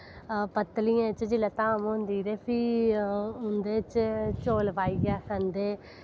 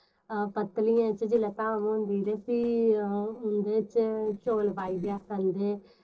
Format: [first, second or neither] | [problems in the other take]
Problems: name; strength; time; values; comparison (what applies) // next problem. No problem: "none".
first | noise reduction (neural separator model SepFormer DNS4)